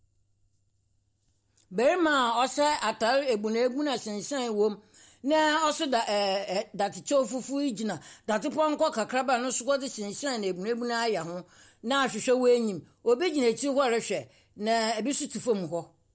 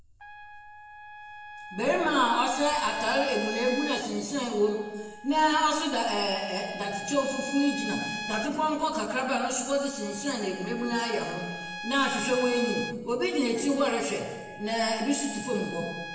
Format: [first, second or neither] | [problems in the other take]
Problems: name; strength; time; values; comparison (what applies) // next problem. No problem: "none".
first | background sound (Trumpet); 11 dB below the speech // room echo; dies away in 1.2 s